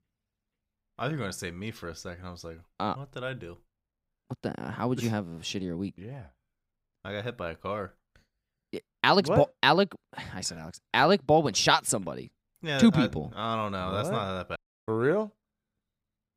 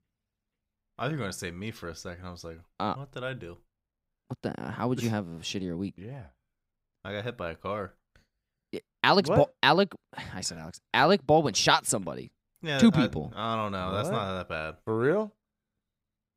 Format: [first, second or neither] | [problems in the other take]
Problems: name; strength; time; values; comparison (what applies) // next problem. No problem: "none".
second | audio cutting out; at 15 s